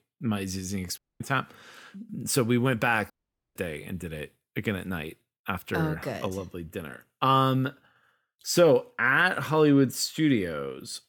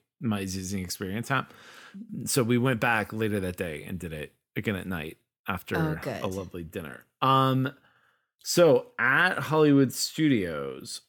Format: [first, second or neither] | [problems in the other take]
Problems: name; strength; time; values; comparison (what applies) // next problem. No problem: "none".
second | audio cutting out; at 1 s and at 3 s